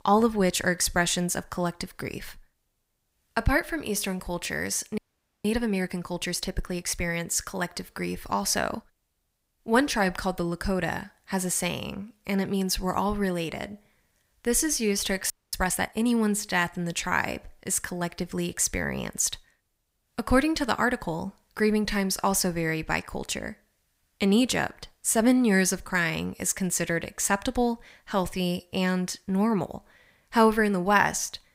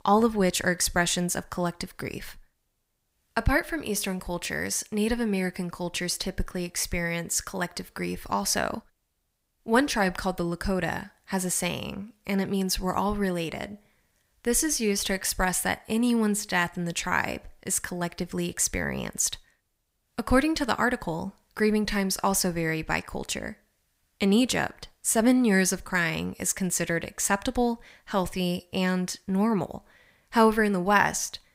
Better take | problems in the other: second | audio freezing; at 5 s and at 15 s

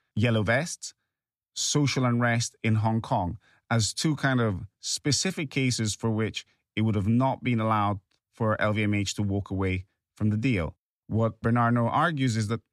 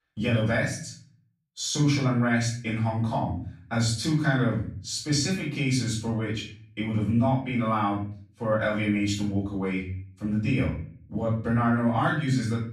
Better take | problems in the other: first | off-mic speech; far // room echo; noticeable; dies away in 0.5 s

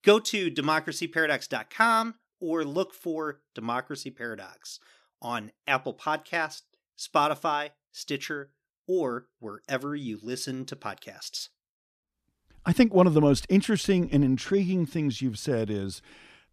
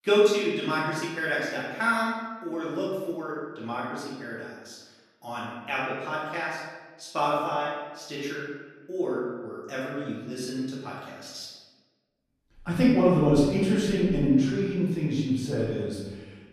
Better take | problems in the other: first | room echo; noticeable; dies away in 1.1 s // off-mic speech; far

